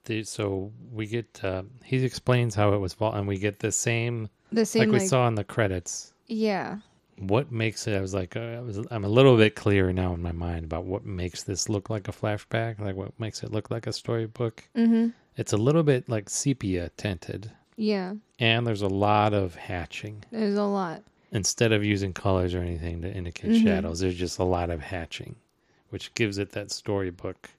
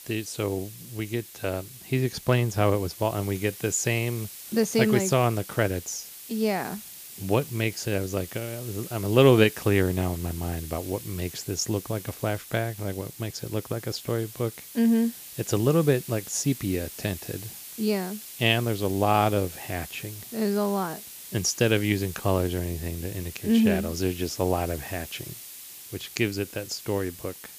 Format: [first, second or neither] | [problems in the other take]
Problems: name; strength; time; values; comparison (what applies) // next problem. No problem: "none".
first | hiss; noticeable; throughout; 15 dB below the speech